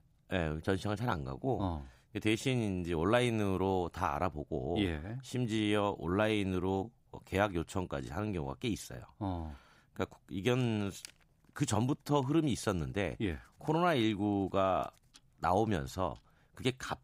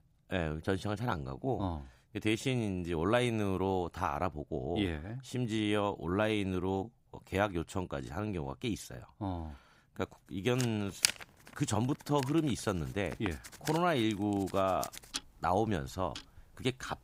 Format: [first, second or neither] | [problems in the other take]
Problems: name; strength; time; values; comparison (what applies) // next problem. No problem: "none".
first | household noises; loud; from 11 s on; 5 dB below the speech; faint in the first